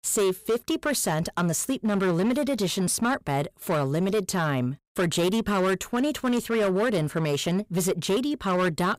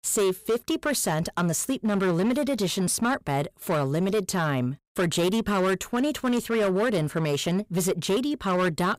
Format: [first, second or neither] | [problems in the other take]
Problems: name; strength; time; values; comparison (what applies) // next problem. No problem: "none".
neither | distortion; slight; 14% of the sound clipped; the same in both